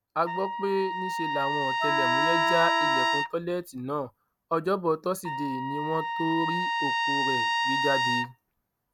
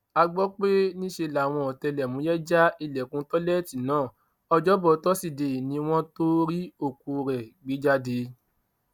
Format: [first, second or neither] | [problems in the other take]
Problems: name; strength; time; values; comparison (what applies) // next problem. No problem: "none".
second | background sound (Trumpet + Wind instrument, woodwind instrument); 3 dB above the speech